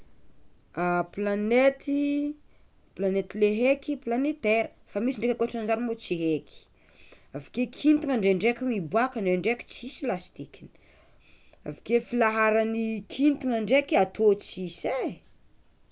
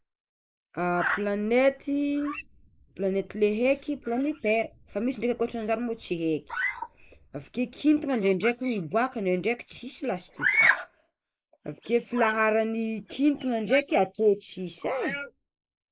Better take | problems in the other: first | noise reduction (neural mask model Resemble Enhance denoiser)

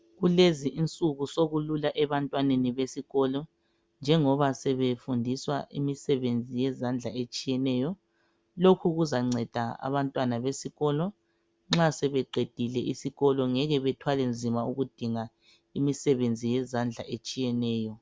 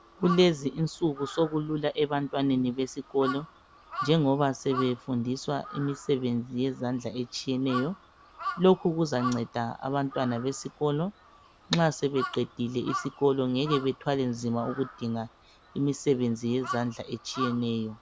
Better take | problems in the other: first | background sound (Crow); 13 dB below the speech

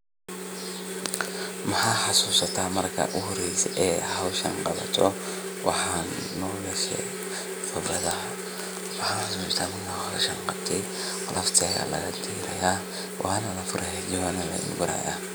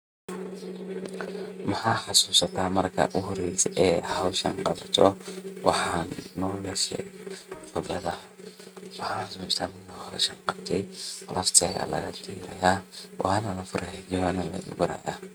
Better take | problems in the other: first | noise reduction (neural mask model RNNoise)

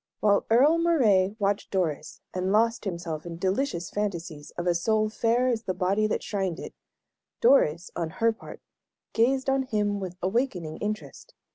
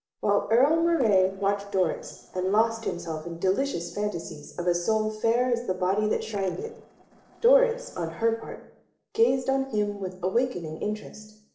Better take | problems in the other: first | noise reduction (neural separator model SepFormer DNS4)

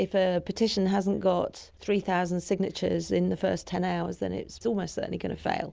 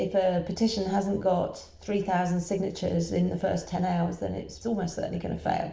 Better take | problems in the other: first | room echo; dies away in 0.6 s

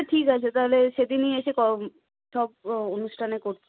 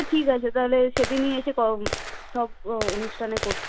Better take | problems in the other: first | background sound (Gunshot, gunfire); 8 dB below the speech

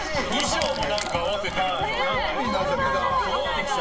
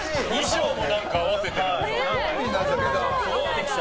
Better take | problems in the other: second | background sound (Crushing); 17 dB below the speech // room echo; dies away in 2.8 s

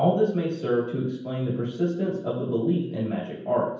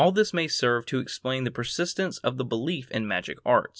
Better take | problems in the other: second | room echo; dies away in 0.9 s

